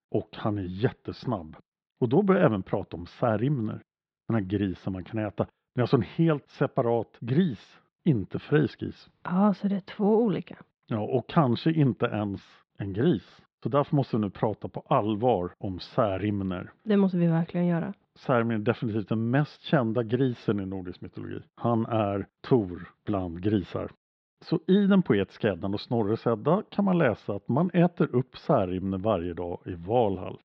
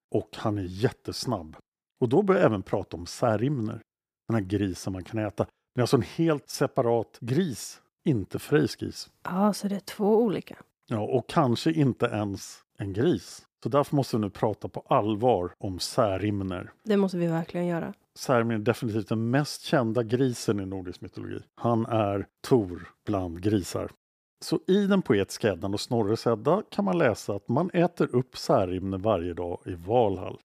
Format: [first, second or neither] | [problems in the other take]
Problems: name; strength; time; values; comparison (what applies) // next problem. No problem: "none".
second | muffled; slightly; fading above 4 kHz